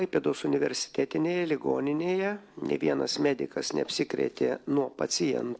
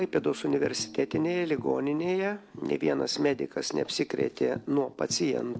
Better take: first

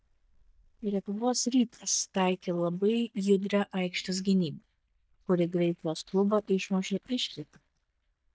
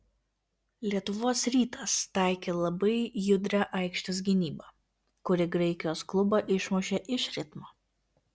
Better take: second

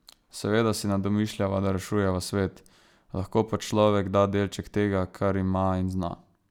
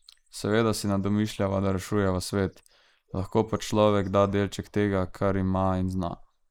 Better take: first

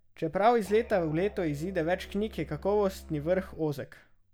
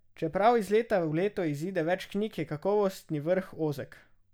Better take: second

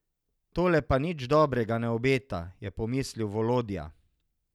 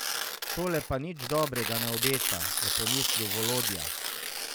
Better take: first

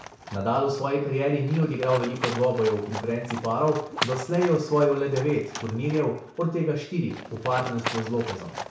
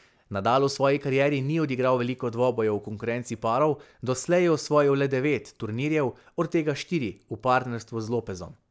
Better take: second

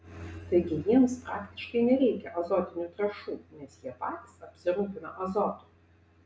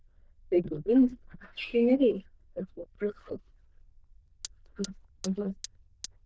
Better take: first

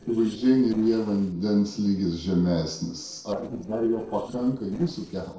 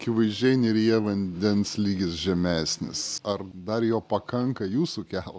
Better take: second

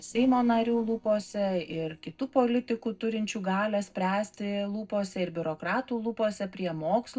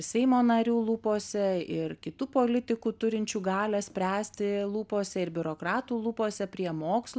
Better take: second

